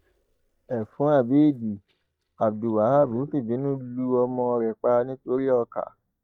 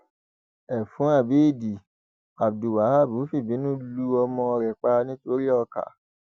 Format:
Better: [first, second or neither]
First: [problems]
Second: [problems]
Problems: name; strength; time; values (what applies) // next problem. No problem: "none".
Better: second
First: noise reduction (neural mask model DeepFilterNet 3)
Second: none